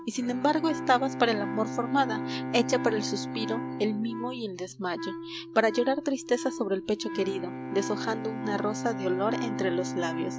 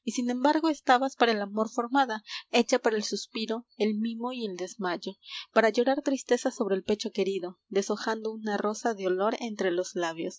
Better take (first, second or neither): second